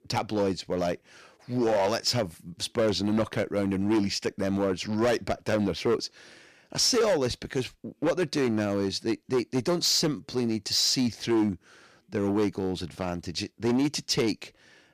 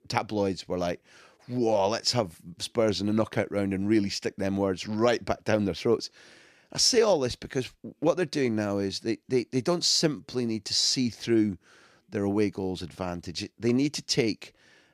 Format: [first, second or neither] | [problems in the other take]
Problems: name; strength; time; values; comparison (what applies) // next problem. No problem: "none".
second | distortion; slight; 8% of the sound clipped